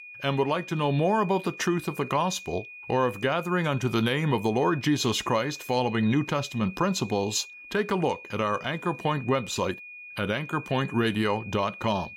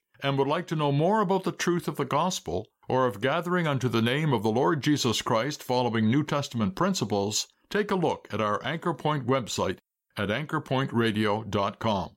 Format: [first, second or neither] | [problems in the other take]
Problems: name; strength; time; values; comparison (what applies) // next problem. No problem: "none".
second | high-pitched whine; noticeable; throughout; 2.5 kHz, 15 dB below the speech